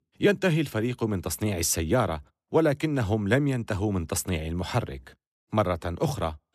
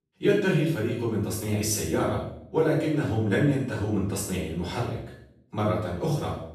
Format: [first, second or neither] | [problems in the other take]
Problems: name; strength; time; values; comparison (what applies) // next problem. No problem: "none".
first | room echo; noticeable; dies away in 0.6 s // off-mic speech; far